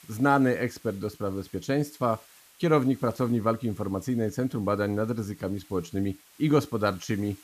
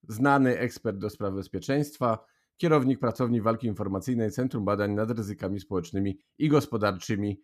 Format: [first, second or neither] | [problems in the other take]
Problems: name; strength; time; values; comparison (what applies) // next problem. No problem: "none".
second | hiss; faint; throughout; 25 dB below the speech